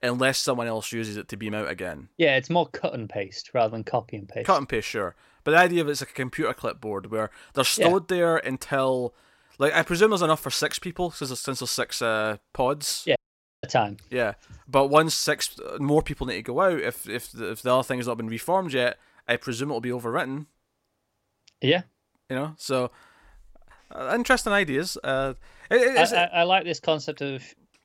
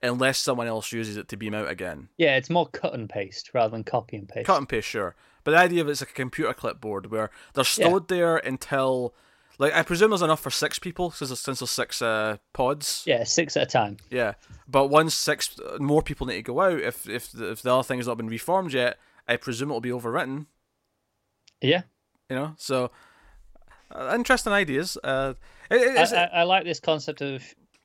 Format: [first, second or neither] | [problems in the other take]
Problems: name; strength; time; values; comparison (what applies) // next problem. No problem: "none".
second | audio cutting out; at 13 s